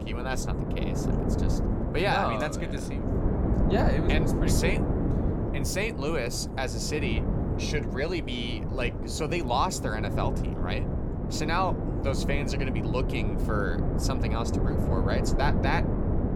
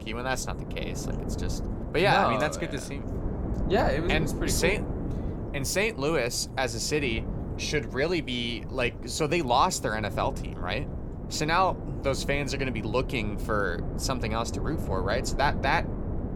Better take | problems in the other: second | wind noise on the microphone; heavy; 5 dB below the speech; occasional gusts in the second

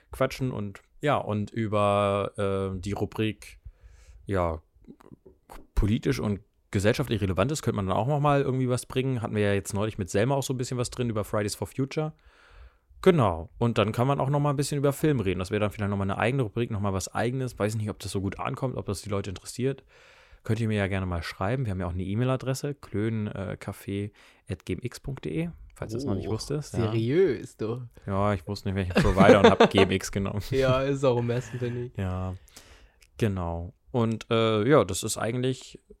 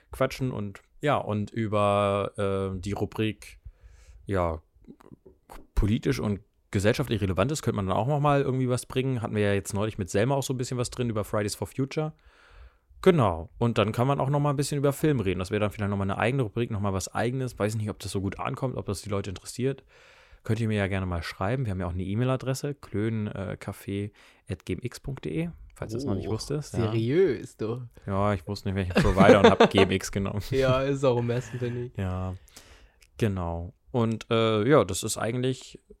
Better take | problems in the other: neither | none

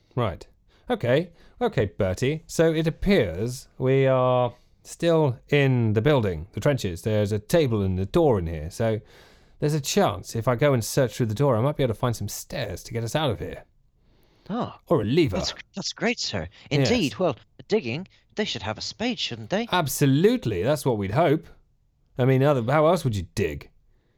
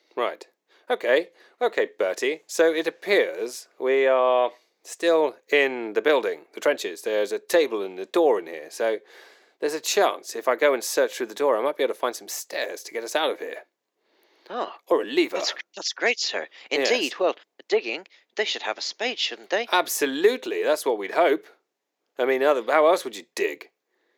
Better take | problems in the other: first | thin; very; fading below 350 Hz

